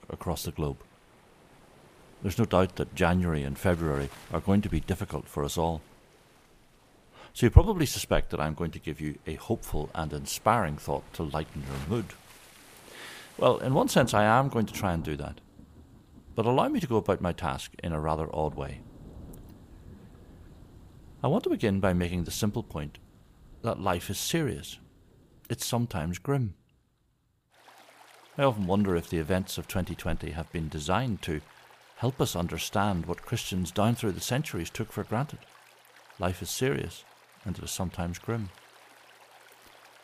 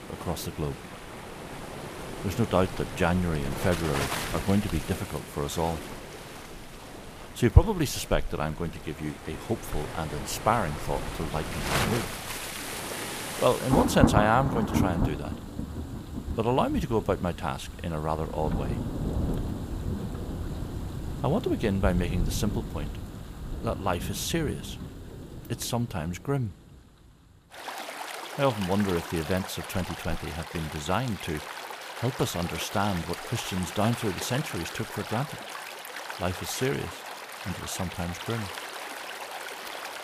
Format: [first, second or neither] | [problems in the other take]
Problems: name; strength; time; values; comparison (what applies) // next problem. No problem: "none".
first | rain or running water; loud; throughout; 5 dB below the speech; faint in the first